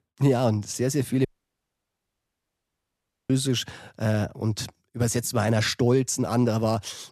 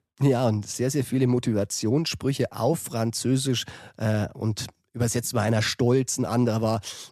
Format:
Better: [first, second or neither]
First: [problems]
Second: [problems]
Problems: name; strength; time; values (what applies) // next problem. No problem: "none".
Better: second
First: audio cutting out; at 1.5 s for 2 s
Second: none